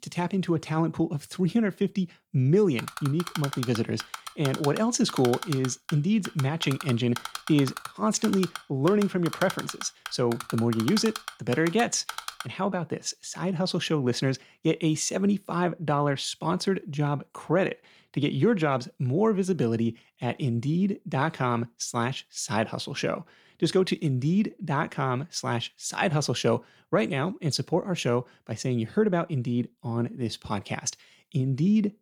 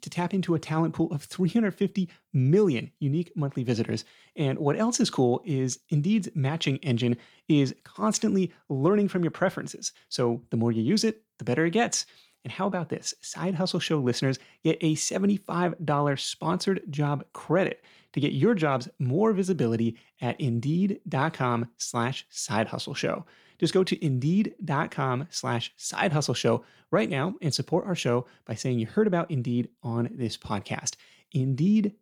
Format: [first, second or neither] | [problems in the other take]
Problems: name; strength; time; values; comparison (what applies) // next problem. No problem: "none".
second | keyboard typing; noticeable; from 3 to 12 s; peak 7 dB below the speech